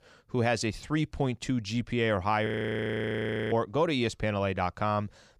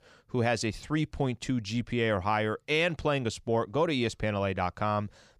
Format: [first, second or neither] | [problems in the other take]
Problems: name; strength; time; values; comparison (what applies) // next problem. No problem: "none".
second | audio freezing; at 2.5 s for 1 s